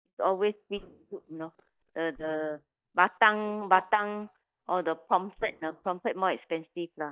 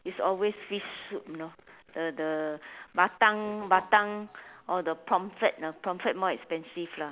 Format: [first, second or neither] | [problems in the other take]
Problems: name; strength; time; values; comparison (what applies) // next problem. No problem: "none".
second | noise reduction (neural mask model DeepFilterNet 3)